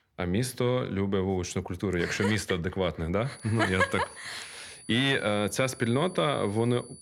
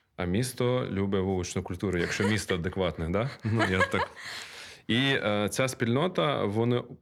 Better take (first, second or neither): second